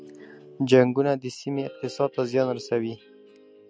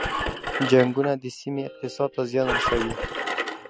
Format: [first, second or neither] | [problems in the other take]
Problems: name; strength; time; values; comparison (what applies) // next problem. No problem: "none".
first | background sound (Engine); 4 dB below the speech